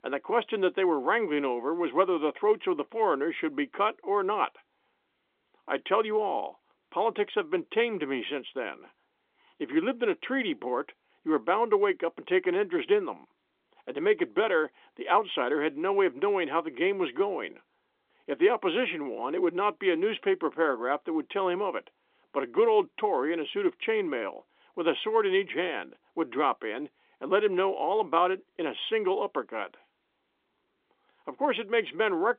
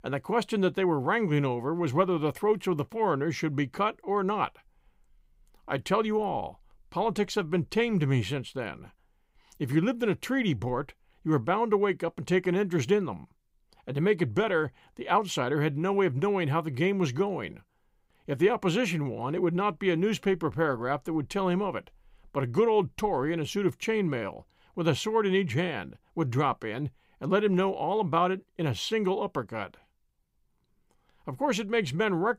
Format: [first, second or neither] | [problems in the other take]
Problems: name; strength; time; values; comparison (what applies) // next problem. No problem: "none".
second | phone-call audio; nothing above 3.5 kHz